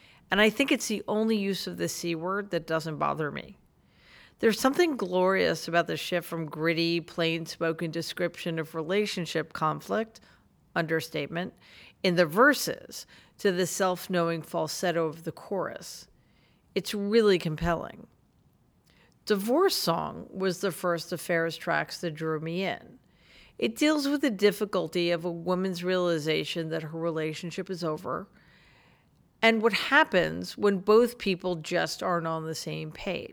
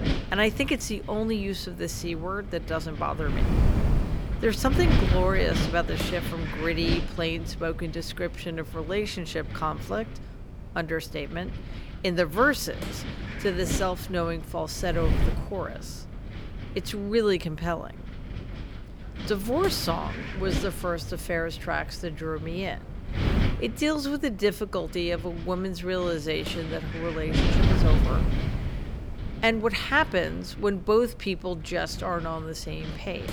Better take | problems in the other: first | wind noise on the microphone; heavy; 9 dB below the speech

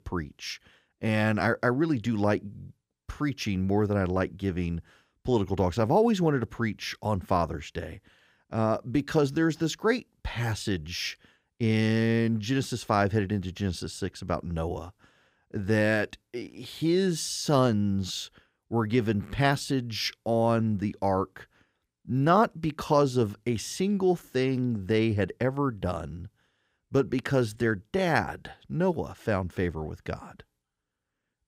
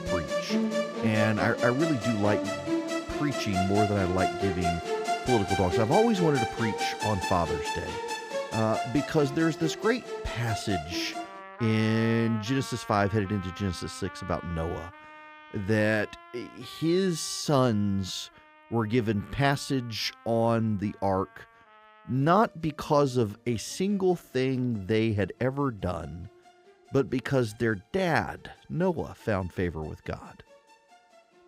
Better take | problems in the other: first | background music; loud; throughout; 4 dB below the speech

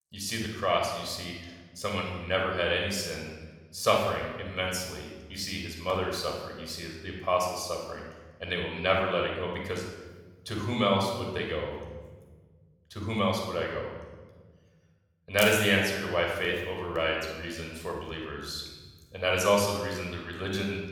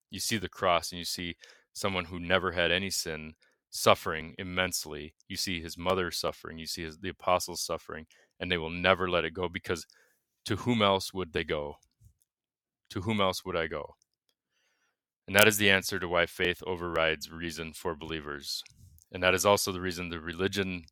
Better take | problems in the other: second | room echo; noticeable; dies away in 1.2 s // off-mic speech; somewhat distant

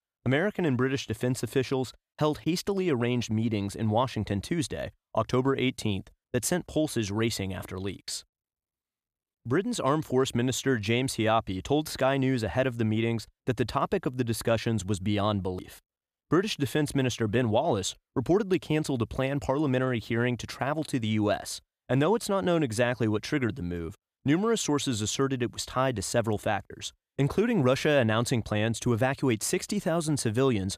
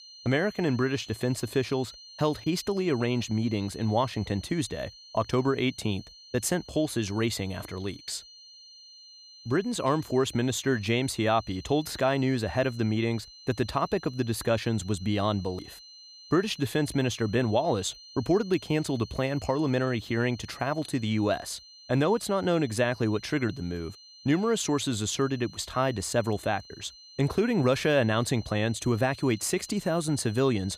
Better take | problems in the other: first | high-pitched whine; noticeable; throughout; 4 kHz, 20 dB below the speech

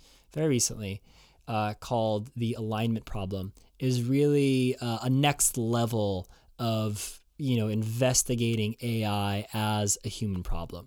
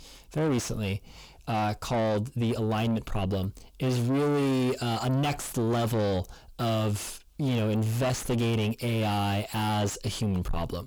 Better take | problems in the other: first | distortion; heavy; 6 dB below the speech

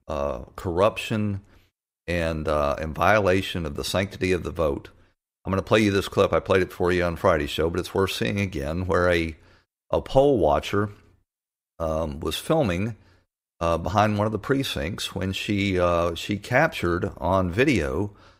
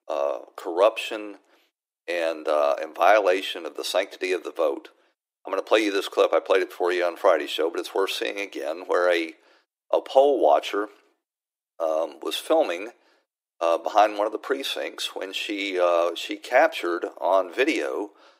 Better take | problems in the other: first | thin; very; fading below 300 Hz

